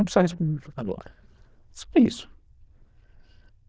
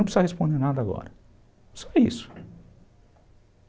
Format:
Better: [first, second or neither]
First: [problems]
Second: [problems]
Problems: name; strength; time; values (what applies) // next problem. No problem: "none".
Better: second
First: noise reduction (neural diffusion model UNIVERSE++)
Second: none